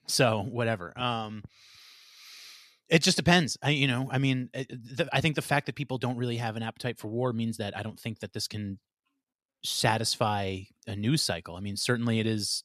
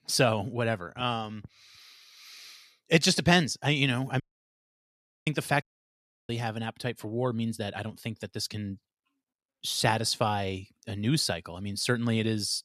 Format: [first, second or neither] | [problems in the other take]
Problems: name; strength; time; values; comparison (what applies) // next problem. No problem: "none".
first | audio cutting out; at 4 s for 1 s and at 5.5 s for 0.5 s